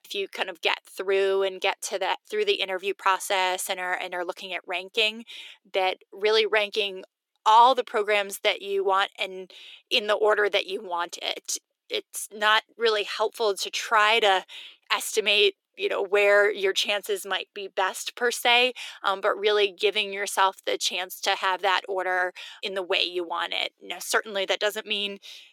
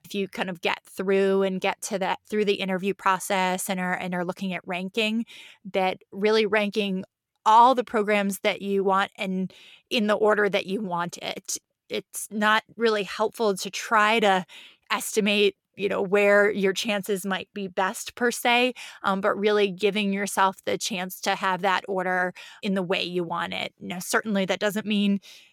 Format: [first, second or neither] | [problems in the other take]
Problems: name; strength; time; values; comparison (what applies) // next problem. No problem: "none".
second | thin; very; fading below 300 Hz